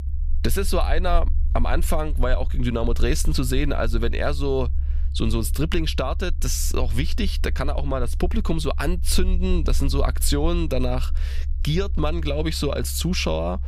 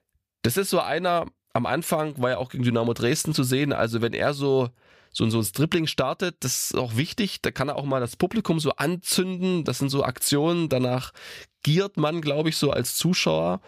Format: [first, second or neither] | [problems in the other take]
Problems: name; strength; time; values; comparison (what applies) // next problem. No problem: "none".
second | low rumble; faint; throughout; 20 dB below the speech